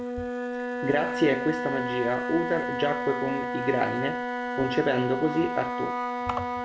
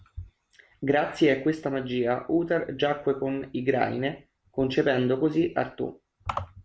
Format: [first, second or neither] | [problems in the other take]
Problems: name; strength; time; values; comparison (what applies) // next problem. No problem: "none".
second | background sound (Wind instrument, woodwind instrument); 2 dB below the speech